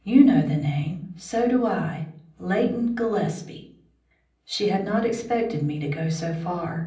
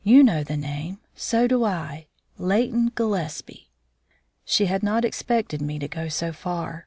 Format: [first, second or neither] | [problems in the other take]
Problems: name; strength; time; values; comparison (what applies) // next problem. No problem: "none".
second | room echo; dies away in 0.6 s